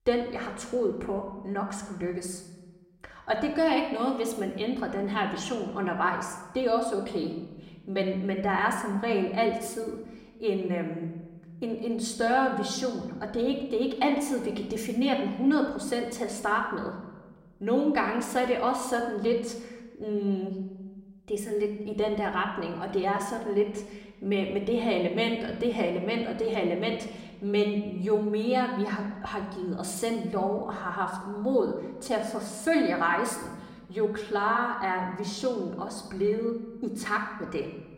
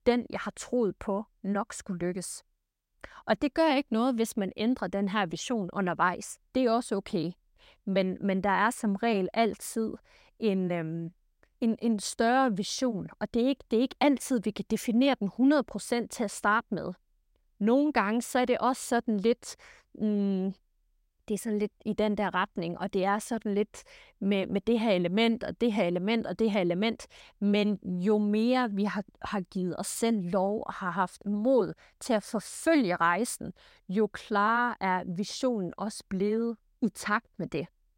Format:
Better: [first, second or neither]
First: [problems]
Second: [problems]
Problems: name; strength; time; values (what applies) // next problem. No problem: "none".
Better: second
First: room echo; slight; dies away in 0.9 s // off-mic speech; somewhat distant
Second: none